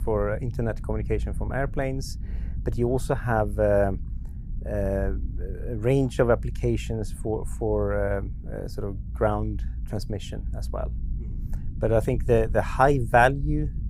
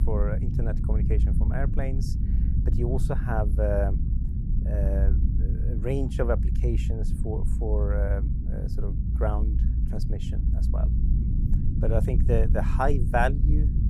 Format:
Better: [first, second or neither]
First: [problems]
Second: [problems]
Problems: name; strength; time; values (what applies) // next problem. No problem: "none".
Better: first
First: low rumble; faint; throughout; 25 dB below the speech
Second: low rumble; loud; throughout; 9 dB below the speech